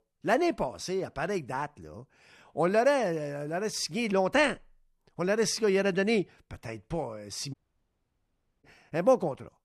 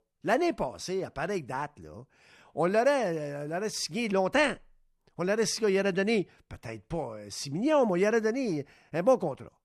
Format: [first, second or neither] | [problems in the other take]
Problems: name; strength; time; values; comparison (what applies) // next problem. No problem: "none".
second | audio cutting out; at 7.5 s for 1 s